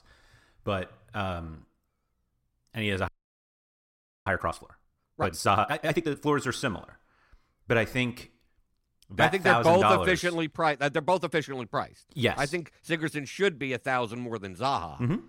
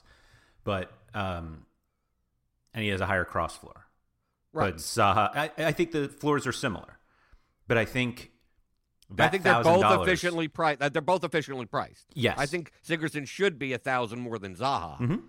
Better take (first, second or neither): second